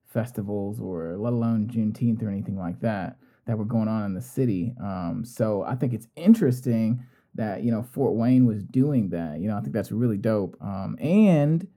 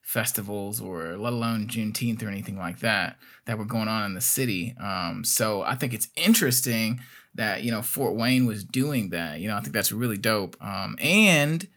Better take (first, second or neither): second